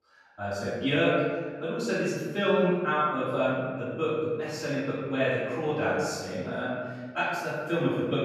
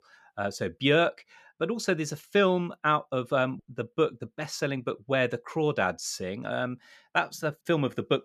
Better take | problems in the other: second | room echo; strong; dies away in 1.4 s // off-mic speech; far

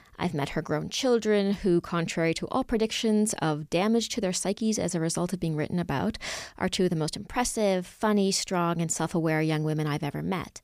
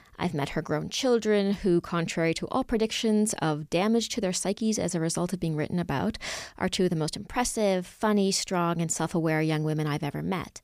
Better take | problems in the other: neither | none

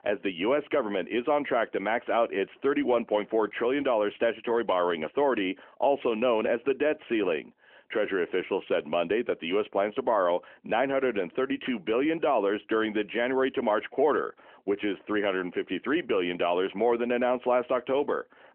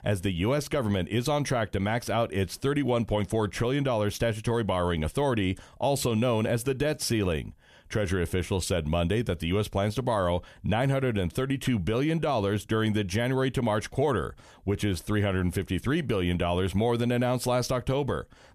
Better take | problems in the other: second | phone-call audio; nothing above 3 kHz

